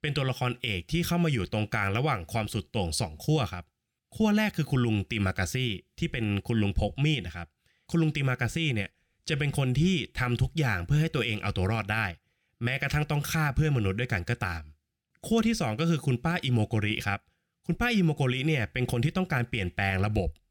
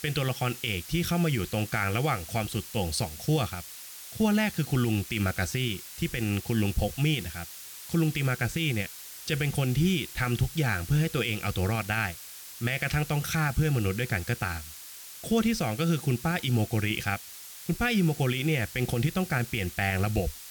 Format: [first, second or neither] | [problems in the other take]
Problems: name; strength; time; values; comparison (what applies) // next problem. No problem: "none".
first | hiss; noticeable; throughout; 10 dB below the speech